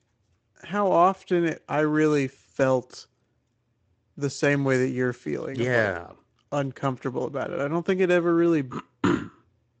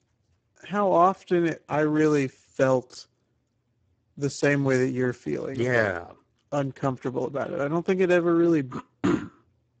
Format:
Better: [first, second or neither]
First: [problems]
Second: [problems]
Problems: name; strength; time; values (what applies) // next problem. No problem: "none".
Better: first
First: garbled, watery; slightly; nothing above 7.5 kHz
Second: garbled, watery; badly; nothing above 7.5 kHz